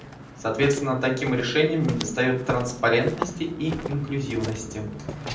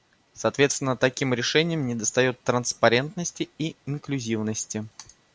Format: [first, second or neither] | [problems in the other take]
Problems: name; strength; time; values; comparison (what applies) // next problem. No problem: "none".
second | background sound (Walk, footsteps); 10 dB below the speech // room echo; dies away in 0.6 s